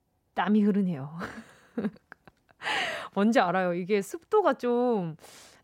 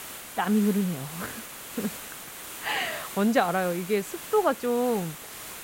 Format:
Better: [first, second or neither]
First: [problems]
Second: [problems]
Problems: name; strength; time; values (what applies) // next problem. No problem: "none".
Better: first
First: none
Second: hiss; noticeable; throughout; 10 dB below the speech